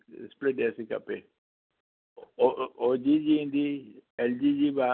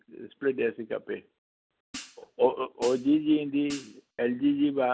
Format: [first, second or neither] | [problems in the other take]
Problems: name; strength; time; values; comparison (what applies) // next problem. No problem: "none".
first | background sound (Hi-hat); 18 dB below the speech